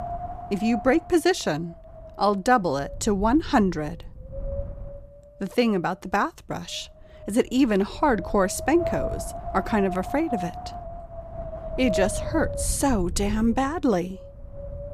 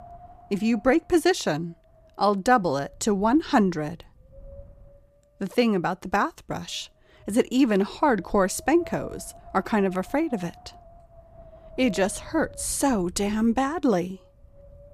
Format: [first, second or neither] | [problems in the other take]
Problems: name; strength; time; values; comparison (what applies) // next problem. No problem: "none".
second | wind noise on the microphone; heavy; 9 dB below the speech; occasional gusts in the second